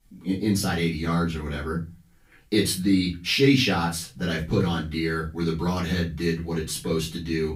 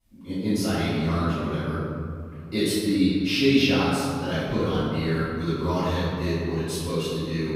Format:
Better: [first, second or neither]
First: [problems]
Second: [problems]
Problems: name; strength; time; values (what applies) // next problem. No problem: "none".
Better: first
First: room echo; slight; dies away in 0.3 s // off-mic speech; far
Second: room echo; strong; dies away in 2.8 s // off-mic speech; far